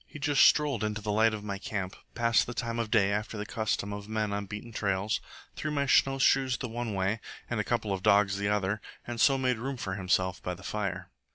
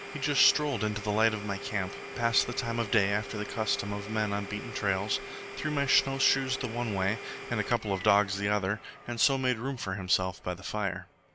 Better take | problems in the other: first | background sound (Domestic sounds, home sounds); 12 dB below the speech

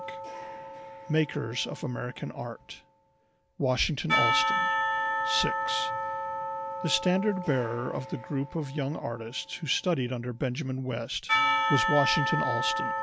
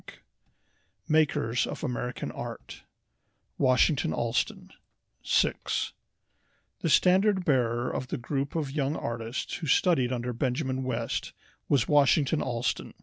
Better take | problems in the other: second | background sound (Church bell / Percussion); 1 dB below the speech

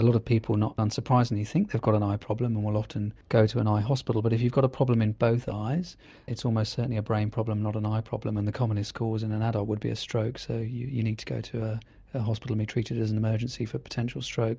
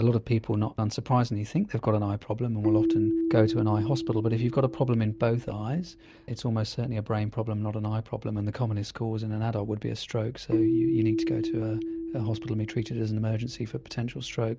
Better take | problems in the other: first | background sound (Keyboard (musical)); 5 dB below the speech

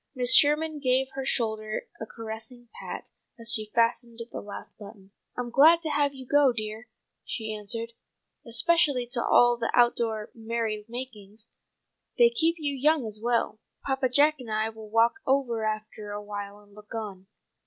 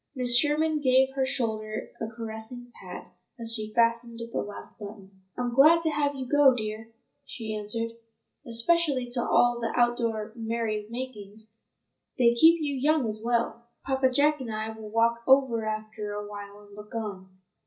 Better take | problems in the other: first | room echo; dies away in 0.4 s

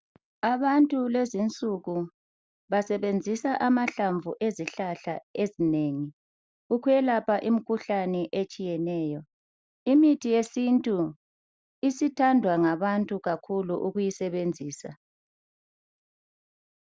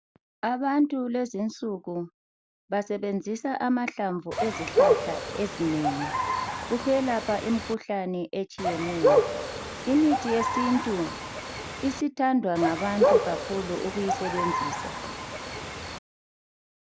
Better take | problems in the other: first | background sound (Bird); 1 dB above the speech

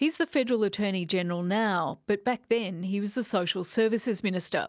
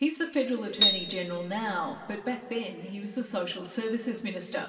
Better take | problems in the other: first | background sound (Piano); 4 dB above the speech // room echo; dies away in 2.2 s

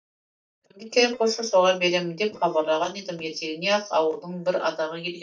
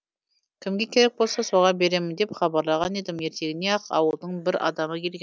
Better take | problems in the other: second | noise reduction (neural mask model DeepFilterNet 3)

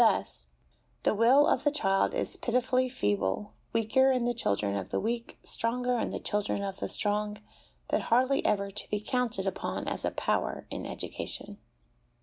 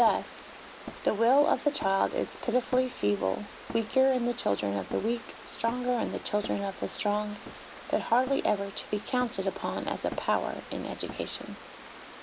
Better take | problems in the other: first | background sound (Hammer + Water); 15 dB below the speech

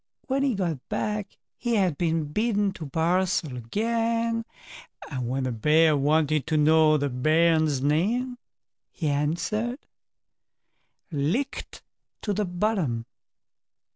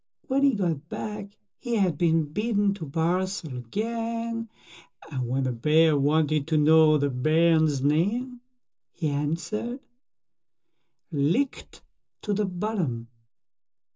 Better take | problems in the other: first | room echo; dies away in 0.2 s

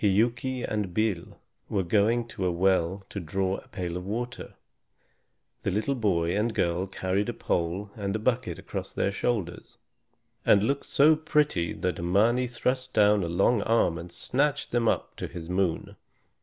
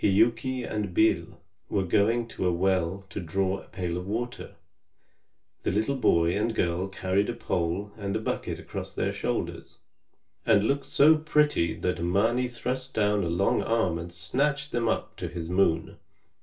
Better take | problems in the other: first | room echo; dies away in 0.2 s

